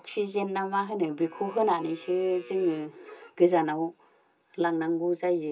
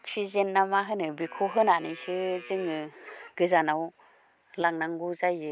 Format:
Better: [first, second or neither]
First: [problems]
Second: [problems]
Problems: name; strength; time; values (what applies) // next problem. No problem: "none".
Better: second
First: room echo; dies away in 0.2 s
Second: none